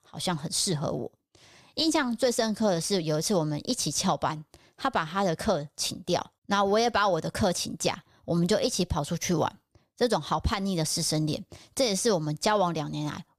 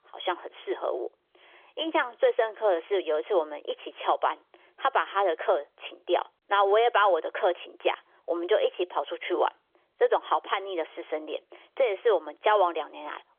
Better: first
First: none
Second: phone-call audio; nothing above 3.5 kHz

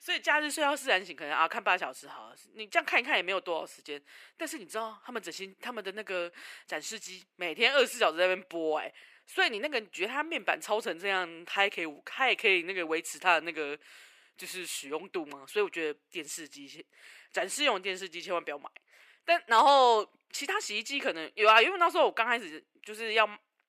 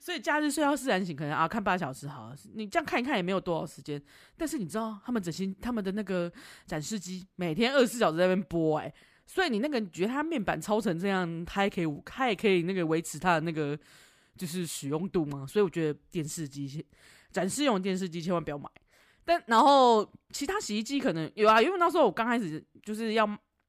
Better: second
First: thin; very; fading below 400 Hz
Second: none

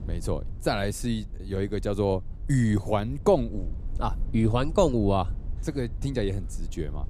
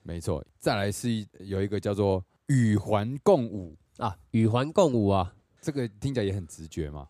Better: second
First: low rumble; faint; throughout; 25 dB below the speech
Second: none

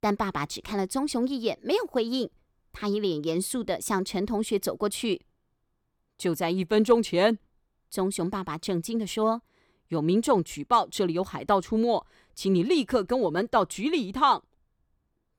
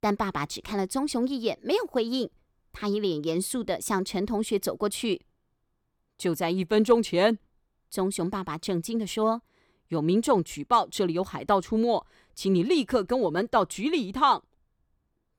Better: neither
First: none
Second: none

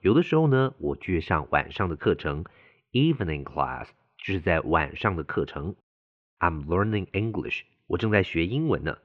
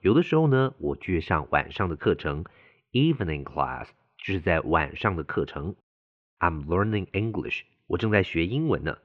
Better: neither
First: muffled; very; fading above 2.5 kHz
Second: muffled; very; fading above 2.5 kHz

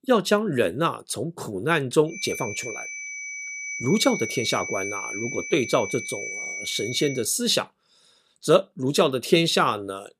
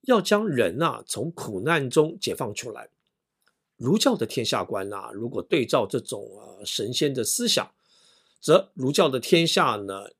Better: second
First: high-pitched whine; loud; from 2 to 7 s; 2.5 kHz, 7 dB below the speech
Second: none

